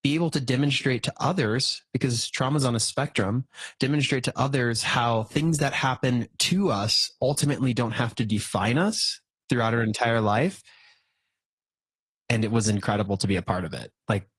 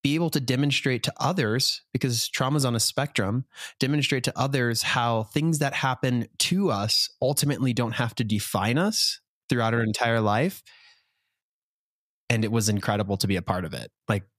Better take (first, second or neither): second